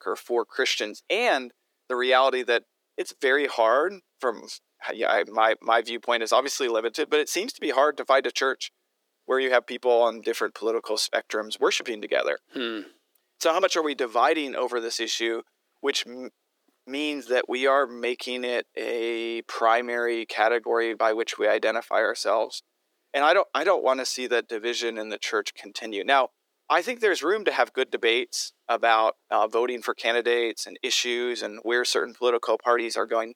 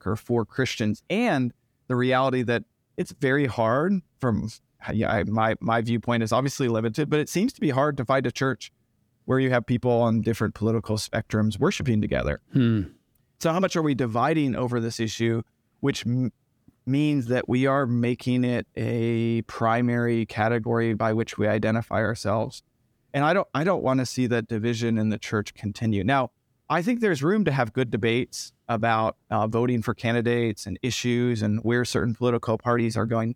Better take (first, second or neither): second